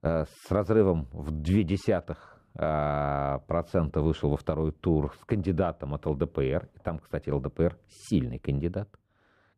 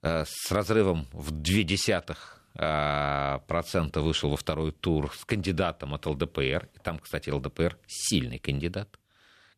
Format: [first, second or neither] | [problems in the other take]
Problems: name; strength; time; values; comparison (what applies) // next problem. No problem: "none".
second | muffled; very; fading above 1.5 kHz